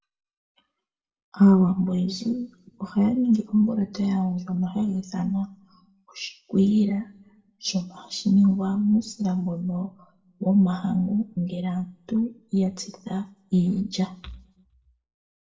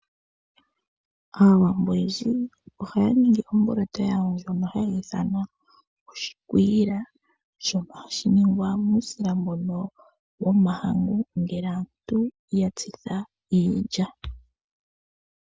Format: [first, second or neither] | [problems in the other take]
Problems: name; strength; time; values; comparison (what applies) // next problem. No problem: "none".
second | room echo; dies away in 0.4 s